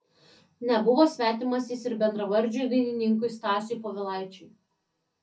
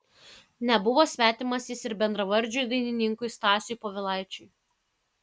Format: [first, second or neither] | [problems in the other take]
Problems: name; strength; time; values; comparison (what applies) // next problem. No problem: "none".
second | room echo; dies away in 0.3 s